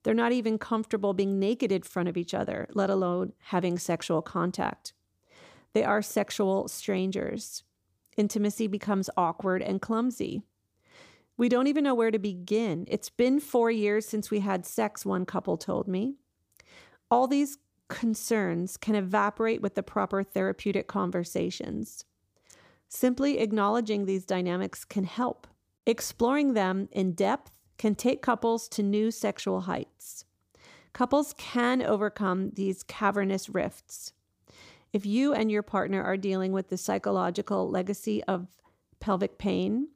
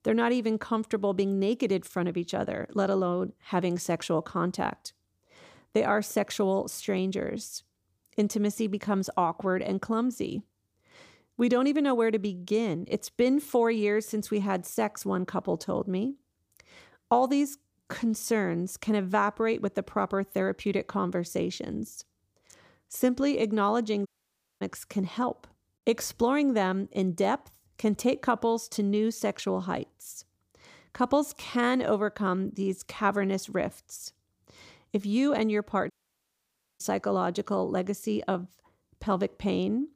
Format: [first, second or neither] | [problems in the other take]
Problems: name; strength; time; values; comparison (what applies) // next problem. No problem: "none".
first | audio cutting out; at 24 s for 0.5 s and at 36 s for 1 s